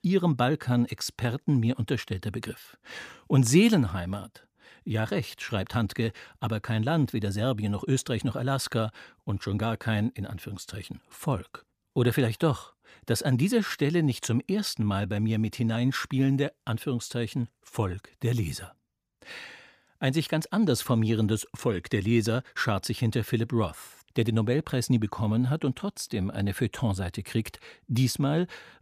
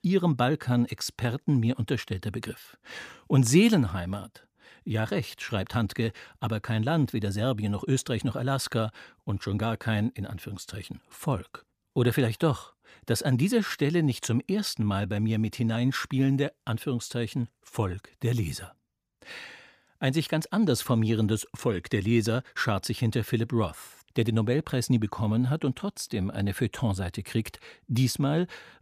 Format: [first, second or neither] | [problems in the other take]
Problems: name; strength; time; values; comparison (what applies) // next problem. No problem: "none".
neither | none